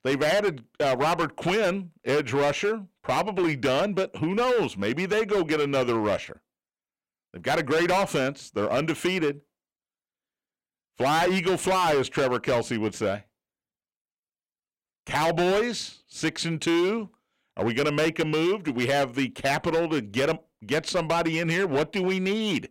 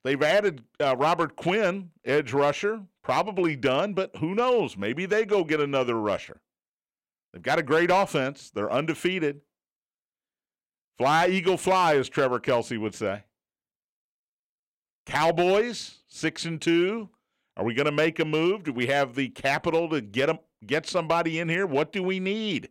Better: second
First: distortion; slight; 14% of the sound clipped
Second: none

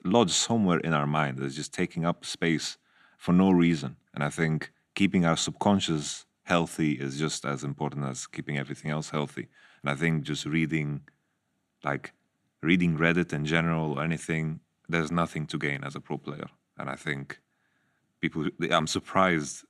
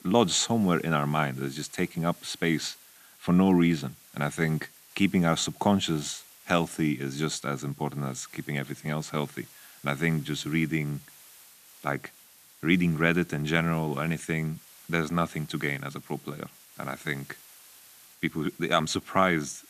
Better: first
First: none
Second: hiss; faint; throughout; 20 dB below the speech

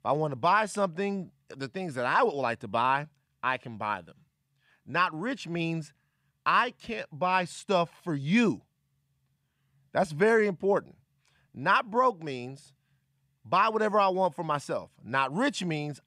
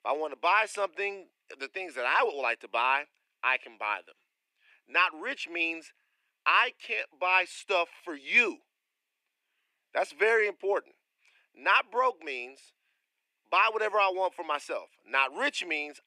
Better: first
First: none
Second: thin; very; fading below 350 Hz

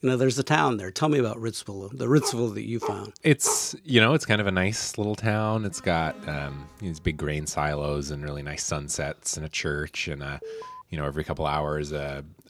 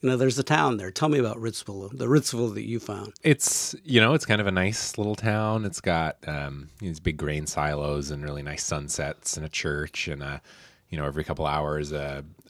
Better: second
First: dog barking; noticeable; from 2 to 3.5 s; peak 8 dB below the speech // alarm; faint; from 5.5 to 7 s and at 10 s; peak 15 dB below the speech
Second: none

